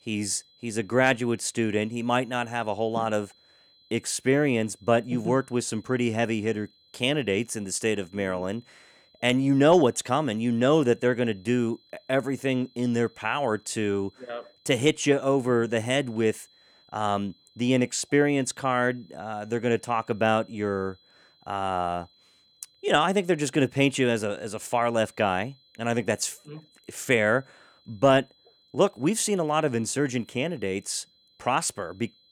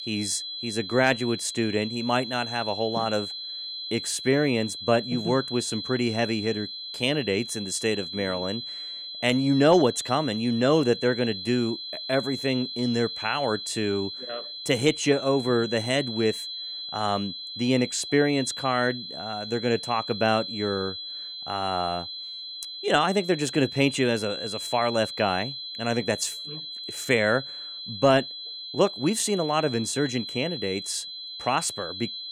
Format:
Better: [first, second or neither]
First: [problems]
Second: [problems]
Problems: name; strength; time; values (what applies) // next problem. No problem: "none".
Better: first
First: high-pitched whine; faint; throughout; 4 kHz, 35 dB below the speech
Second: high-pitched whine; loud; throughout; 4 kHz, 8 dB below the speech